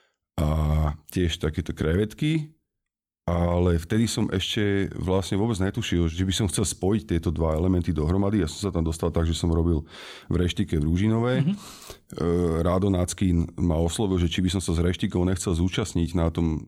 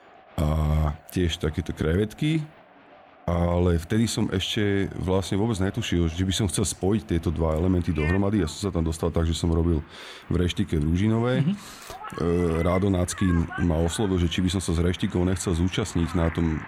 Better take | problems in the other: first | crowd noise; noticeable; throughout; 20 dB below the speech

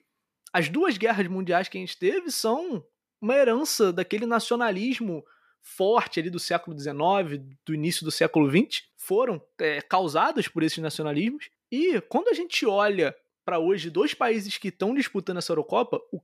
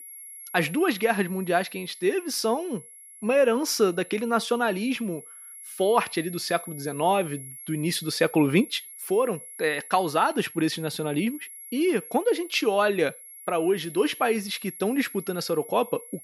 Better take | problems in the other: first | high-pitched whine; noticeable; throughout; 11 kHz, 15 dB below the speech

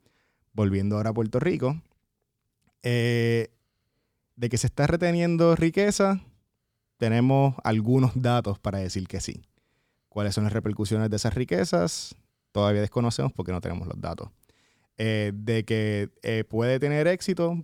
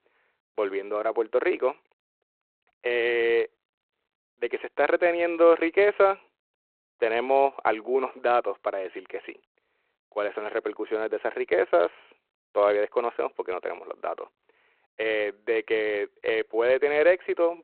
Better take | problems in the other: first | phone-call audio

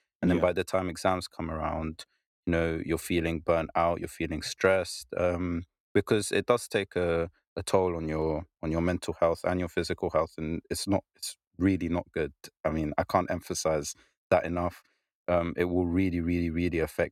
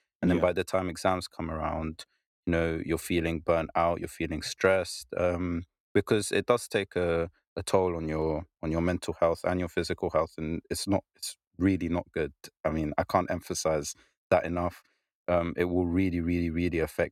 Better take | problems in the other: neither | none

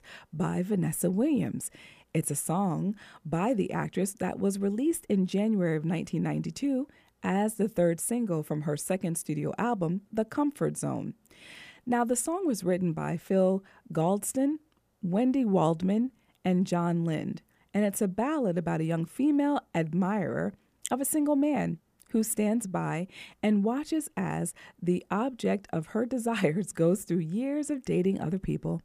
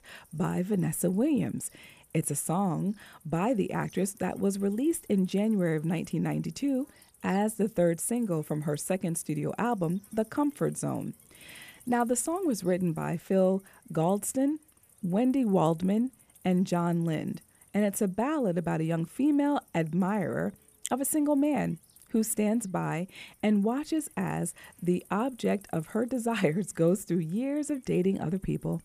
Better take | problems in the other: first | animal sounds; faint; throughout; 25 dB below the speech

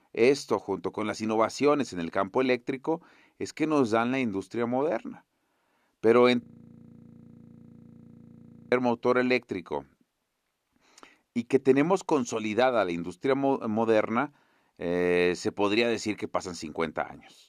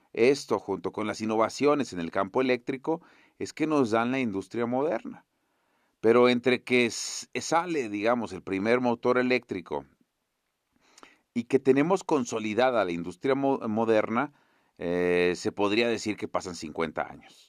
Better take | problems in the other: second | audio freezing; at 6.5 s for 2.5 s

